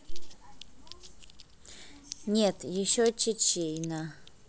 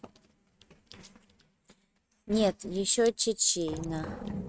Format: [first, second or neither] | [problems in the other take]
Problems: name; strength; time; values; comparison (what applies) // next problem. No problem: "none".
first | noise reduction (neural mask model RNNoise)